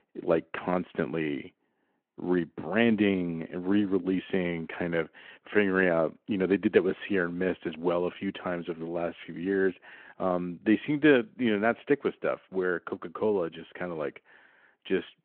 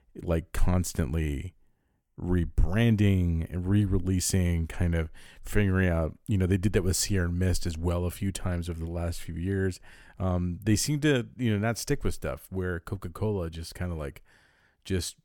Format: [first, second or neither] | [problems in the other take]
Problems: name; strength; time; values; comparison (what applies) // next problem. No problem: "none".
second | phone-call audio